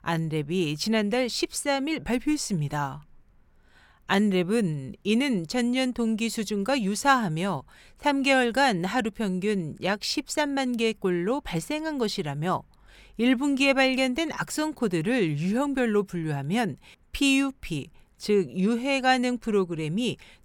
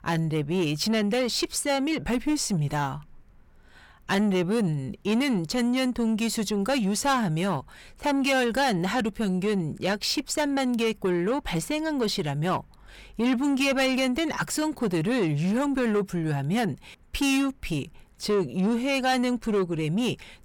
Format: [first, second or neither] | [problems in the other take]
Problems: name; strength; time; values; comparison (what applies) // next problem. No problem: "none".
first | distortion; slight; 10 dB below the speech